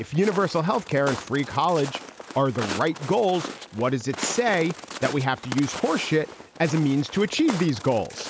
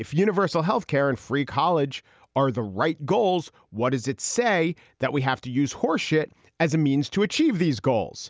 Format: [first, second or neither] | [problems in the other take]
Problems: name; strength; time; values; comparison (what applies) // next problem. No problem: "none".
second | background sound (Walk, footsteps); 12 dB below the speech